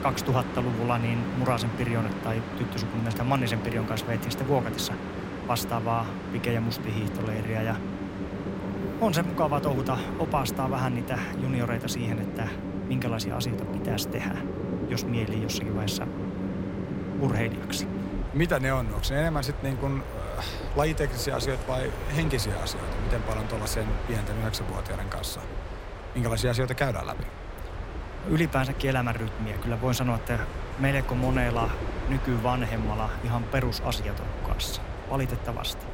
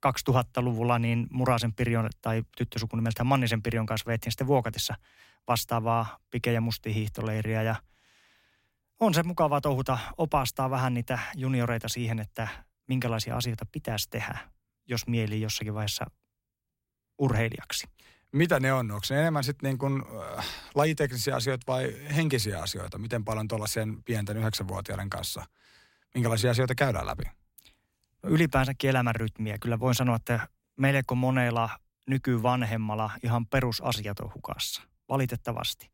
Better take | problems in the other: second | train or aircraft noise; loud; throughout; 4 dB below the speech

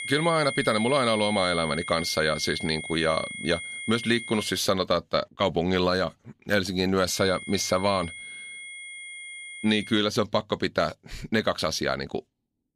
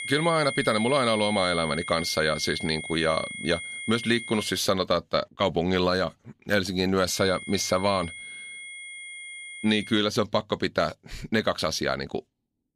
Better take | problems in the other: neither | high-pitched whine; loud; until 4.5 s and from 7 to 10 s; 2 kHz, 9 dB below the speech; the same in both

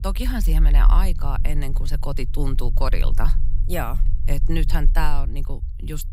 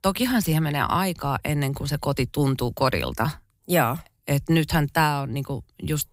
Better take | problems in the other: second | low rumble; noticeable; throughout; 15 dB below the speech

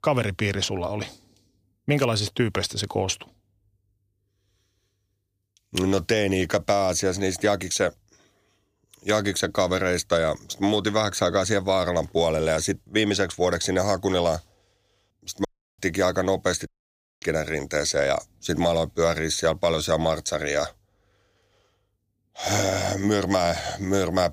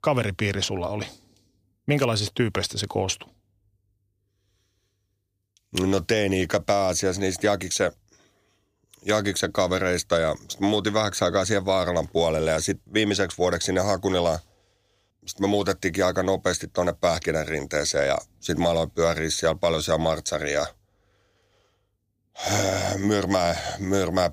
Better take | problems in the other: second | audio cutting out; at 15 s and at 17 s for 0.5 s

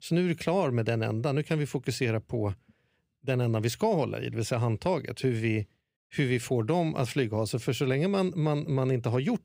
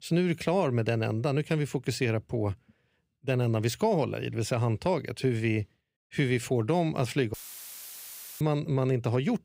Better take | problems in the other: first | audio cutting out; filled with static; at 7.5 s for 1 s

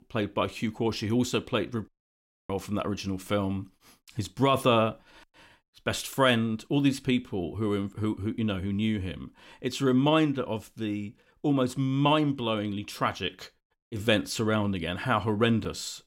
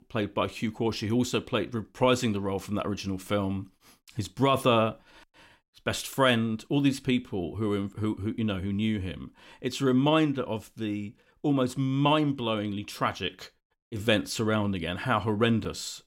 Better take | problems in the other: second | audio cutting out; at 2 s for 0.5 s

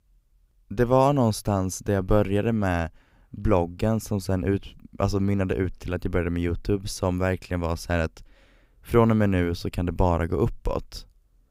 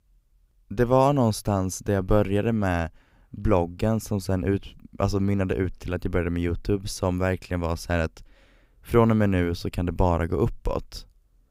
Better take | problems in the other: neither | none

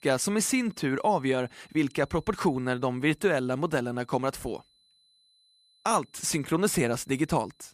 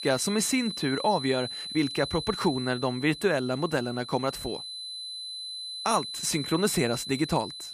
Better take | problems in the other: first | high-pitched whine; loud; throughout; 4 kHz, 7 dB below the speech; faint in the first

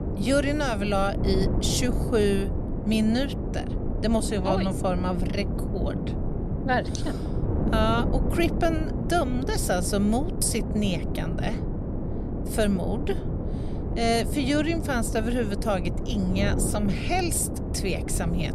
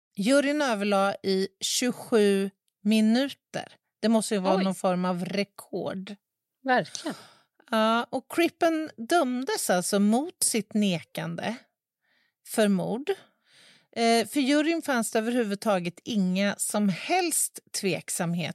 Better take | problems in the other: second | wind noise on the microphone; heavy; 8 dB below the speech

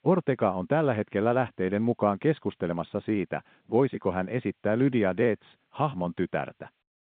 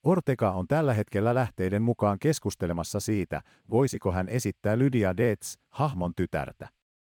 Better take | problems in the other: second | phone-call audio; nothing above 3.5 kHz

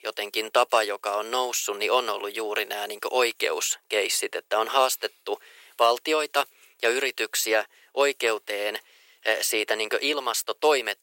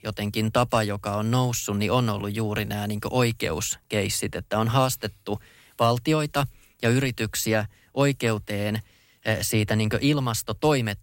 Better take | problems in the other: second | thin; very; fading below 400 Hz

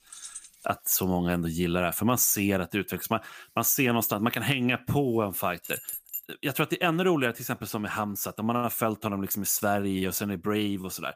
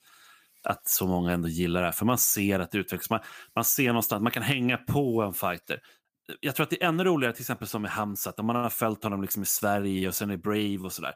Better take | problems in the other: second | jangling keys; faint; at the start; peak 15 dB below the speech // jangling keys; noticeable; at 5.5 s; peak 7 dB below the speech

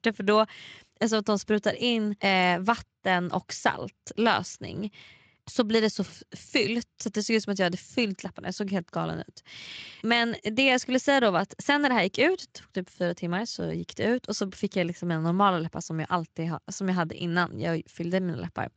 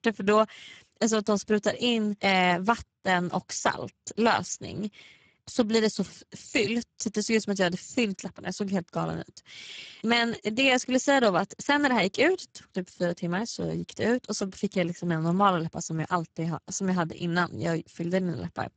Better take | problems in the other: first | garbled, watery; badly; nothing above 7.5 kHz; slightly in the first

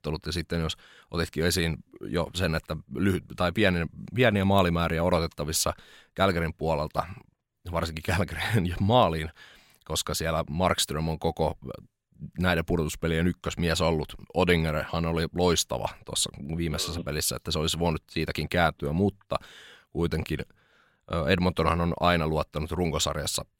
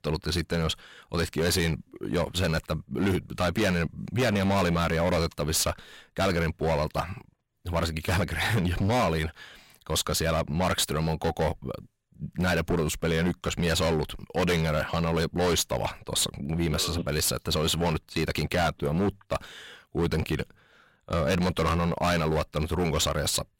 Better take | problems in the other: first | distortion; heavy; 16% of the sound clipped

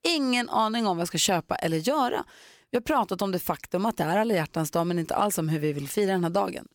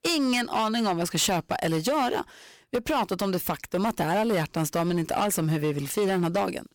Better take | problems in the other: first | distortion; slight; 12% of the sound clipped

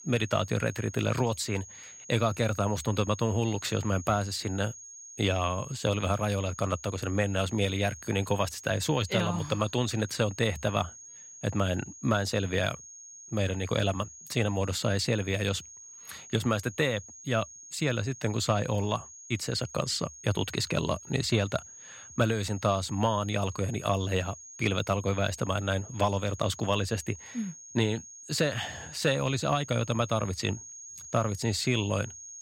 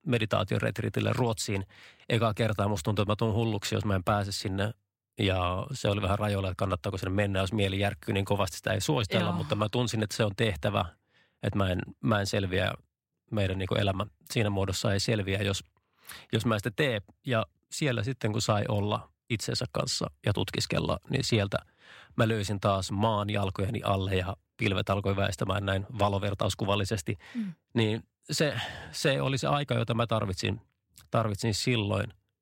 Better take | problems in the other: second | high-pitched whine; noticeable; throughout; 6.5 kHz, 15 dB below the speech

